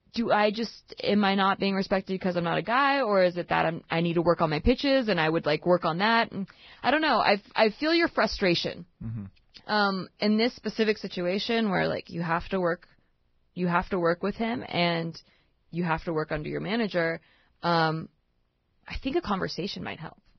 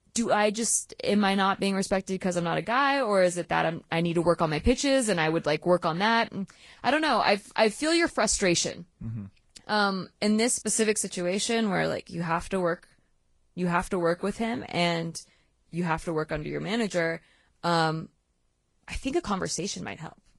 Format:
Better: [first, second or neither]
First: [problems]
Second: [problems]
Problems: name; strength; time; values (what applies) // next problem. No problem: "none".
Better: second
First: garbled, watery; badly; nothing above 5.5 kHz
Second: garbled, watery; slightly; nothing above 10.5 kHz